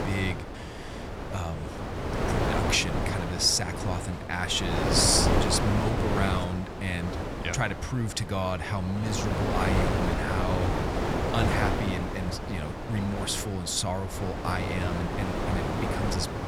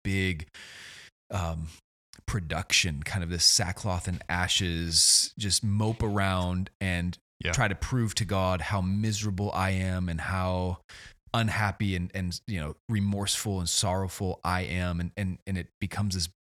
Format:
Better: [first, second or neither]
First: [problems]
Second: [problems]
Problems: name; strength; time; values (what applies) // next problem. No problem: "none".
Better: second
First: wind noise on the microphone; heavy; 1 dB below the speech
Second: none